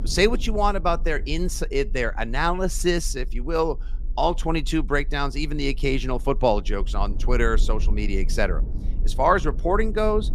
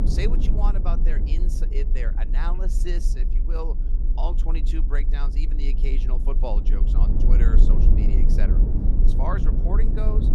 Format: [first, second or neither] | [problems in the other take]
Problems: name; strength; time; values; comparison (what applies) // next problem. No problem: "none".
first | low rumble; loud; throughout; 4 dB below the speech; faint in the first